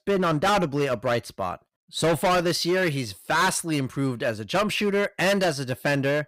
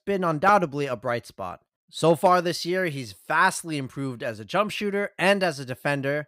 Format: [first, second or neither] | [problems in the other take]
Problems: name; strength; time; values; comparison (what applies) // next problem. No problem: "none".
second | distortion; heavy; 14% of the sound clipped